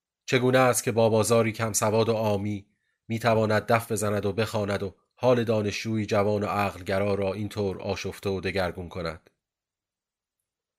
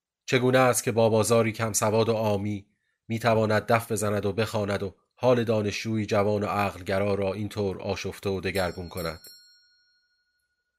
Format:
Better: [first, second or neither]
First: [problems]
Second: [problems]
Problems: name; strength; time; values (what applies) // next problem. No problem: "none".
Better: first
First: none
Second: doorbell; faint; from 8.5 to 9.5 s; peak 15 dB below the speech